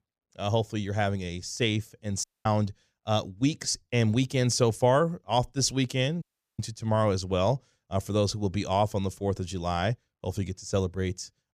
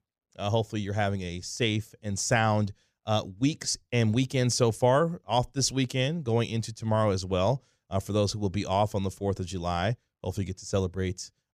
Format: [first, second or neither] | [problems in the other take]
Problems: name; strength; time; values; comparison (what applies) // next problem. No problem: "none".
second | audio cutting out; at 2 s and at 6 s